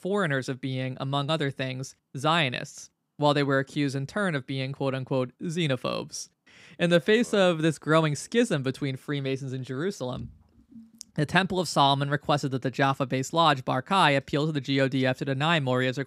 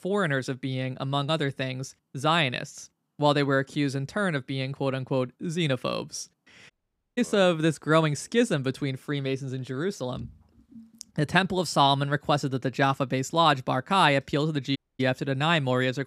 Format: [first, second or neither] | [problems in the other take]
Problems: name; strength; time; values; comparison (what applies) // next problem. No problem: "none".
first | audio cutting out; at 6.5 s and at 15 s